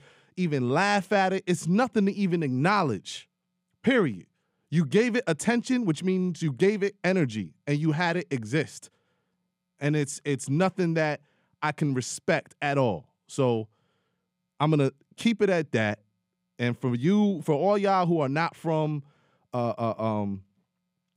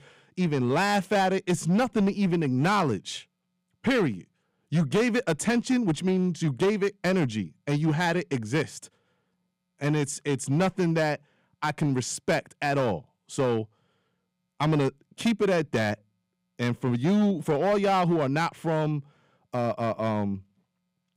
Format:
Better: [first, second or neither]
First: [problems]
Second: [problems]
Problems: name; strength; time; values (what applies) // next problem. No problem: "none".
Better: first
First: none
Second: distortion; slight; 7% of the sound clipped